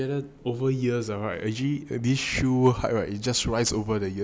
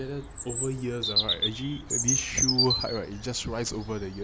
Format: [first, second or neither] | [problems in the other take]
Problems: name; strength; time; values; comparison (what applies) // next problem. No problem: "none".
first | background sound (Bird vocalization, bird call, bird song); 1 dB above the speech